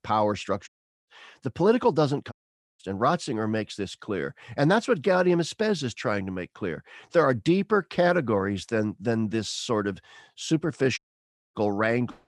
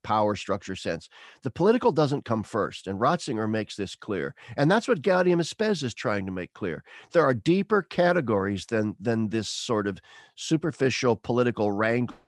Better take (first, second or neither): second